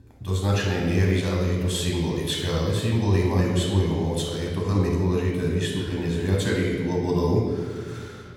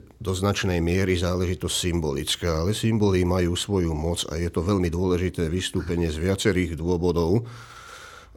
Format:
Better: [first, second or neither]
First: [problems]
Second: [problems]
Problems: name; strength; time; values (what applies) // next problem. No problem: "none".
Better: second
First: off-mic speech; somewhat distant // room echo; noticeable; dies away in 1.6 s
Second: none